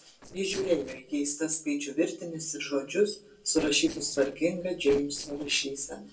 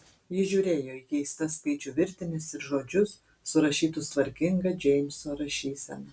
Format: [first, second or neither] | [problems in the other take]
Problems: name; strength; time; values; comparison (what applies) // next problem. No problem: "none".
second | noise reduction (neural separator model SepFormer DNS4)